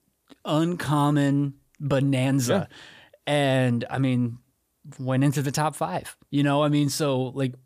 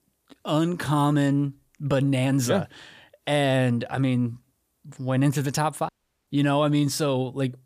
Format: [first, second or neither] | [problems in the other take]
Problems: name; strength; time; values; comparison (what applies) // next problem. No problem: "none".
first | audio cutting out; at 6 s